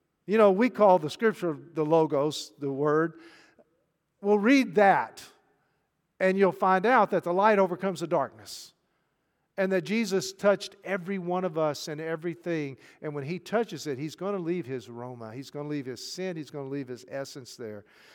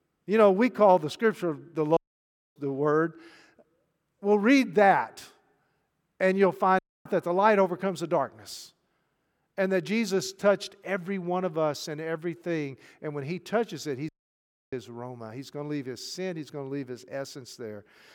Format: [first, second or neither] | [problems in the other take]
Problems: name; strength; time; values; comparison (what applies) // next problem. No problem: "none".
first | audio cutting out; at 2 s for 0.5 s, at 7 s and at 14 s for 0.5 s